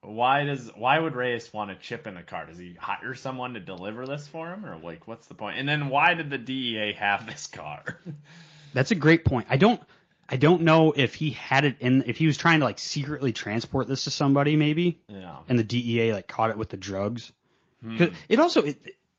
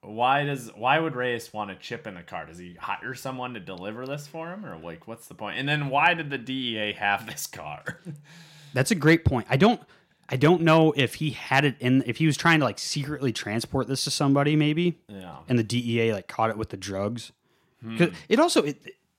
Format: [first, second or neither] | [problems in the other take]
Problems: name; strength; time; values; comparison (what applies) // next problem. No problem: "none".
second | garbled, watery; slightly; nothing above 7 kHz